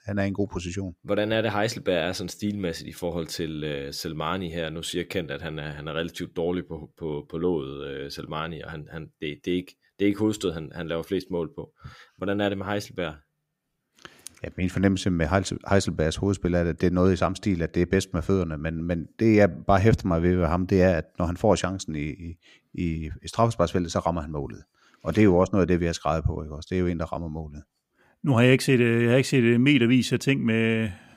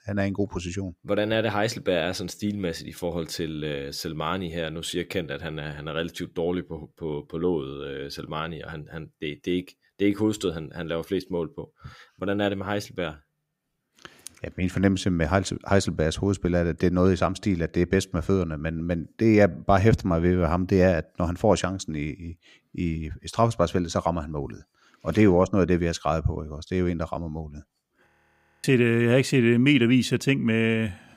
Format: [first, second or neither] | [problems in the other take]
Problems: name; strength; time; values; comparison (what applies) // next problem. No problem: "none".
first | audio freezing; at 28 s for 0.5 s